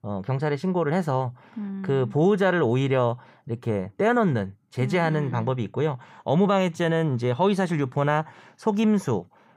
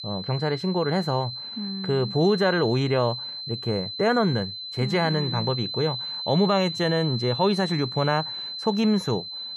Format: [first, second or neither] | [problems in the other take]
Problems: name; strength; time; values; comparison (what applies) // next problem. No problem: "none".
first | high-pitched whine; loud; throughout; 4 kHz, 6 dB below the speech